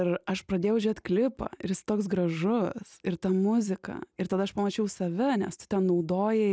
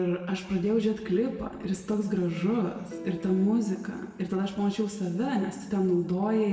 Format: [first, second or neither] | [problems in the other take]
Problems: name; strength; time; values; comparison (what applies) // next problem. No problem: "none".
first | background sound (Piano); 18 dB below the speech // room echo; dies away in 1.3 s